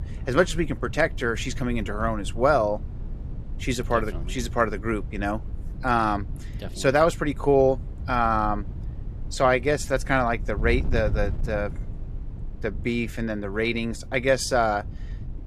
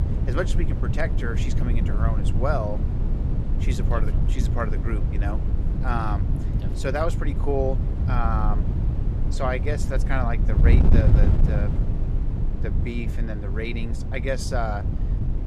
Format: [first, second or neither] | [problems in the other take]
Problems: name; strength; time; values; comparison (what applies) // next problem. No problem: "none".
first | wind noise on the microphone; heavy; 7 dB below the speech; occasional gusts in the first